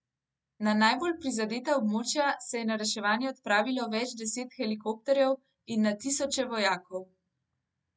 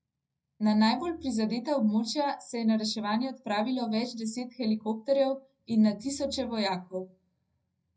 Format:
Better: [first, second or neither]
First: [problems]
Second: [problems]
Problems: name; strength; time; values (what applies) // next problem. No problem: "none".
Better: first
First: none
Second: room echo; dies away in 0.3 s